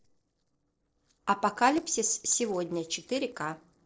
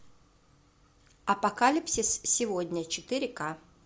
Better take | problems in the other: second | noise reduction (neural separator model SepFormer DNS4)

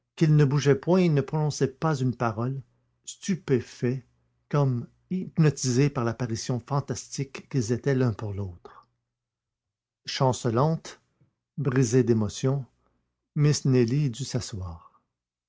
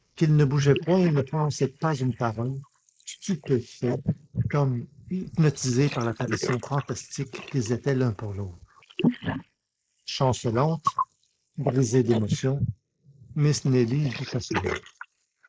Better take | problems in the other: first | noise reduction (neural mask model Resemble Enhance denoiser)

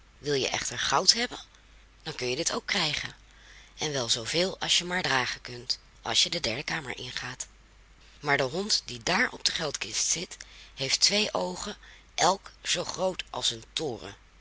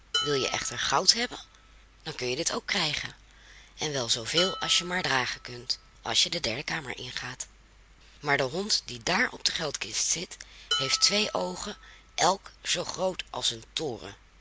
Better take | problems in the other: first | background sound (Dishes, pots, and pans); 10 dB below the speech

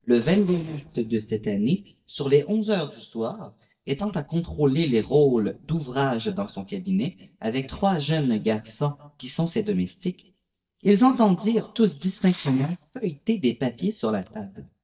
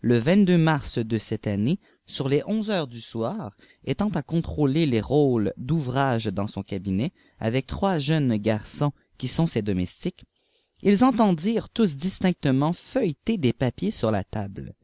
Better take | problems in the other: second | noise reduction (neural mask model DeepFilterNet 3)

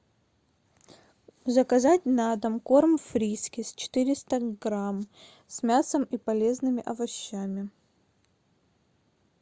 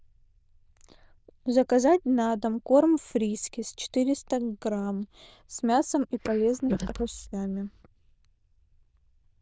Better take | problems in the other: first | noise reduction (neural diffusion model UNIVERSE++)

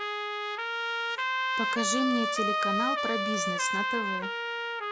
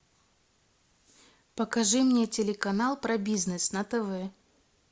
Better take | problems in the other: second | background sound (Trumpet); 4 dB above the speech

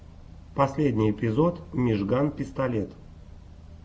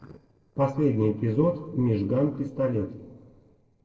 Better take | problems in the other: first | noise reduction (neural separator model SepFormer DNS4)

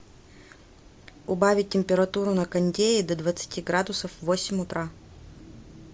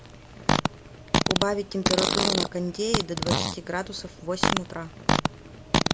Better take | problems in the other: first | background sound (Fart); 5 dB above the speech

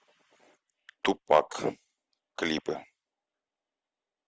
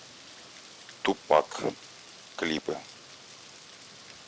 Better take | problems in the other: first | background sound (Rain); 16 dB below the speech

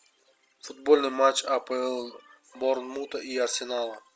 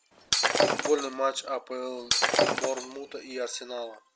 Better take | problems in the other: first | background sound (Shatter); 5 dB above the speech

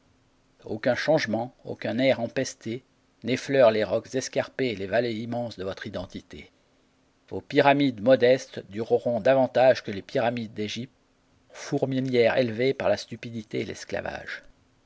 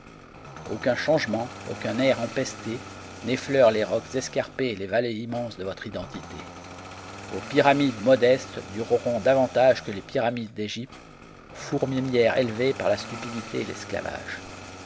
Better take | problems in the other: first | background sound (Engine starting); 15 dB below the speech

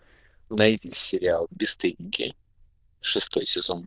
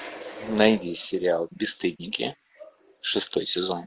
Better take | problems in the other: second | noise reduction (neural diffusion model UNIVERSE++)

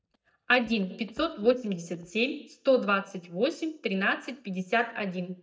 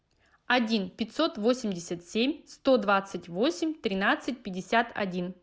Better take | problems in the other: second | noise reduction (neural mask model DeepFilterNet 3)

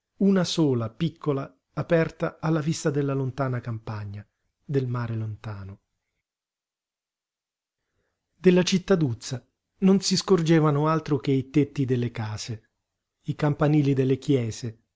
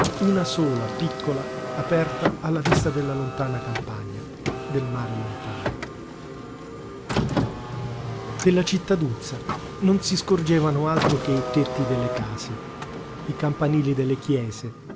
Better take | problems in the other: first | background sound (Car); 4 dB below the speech

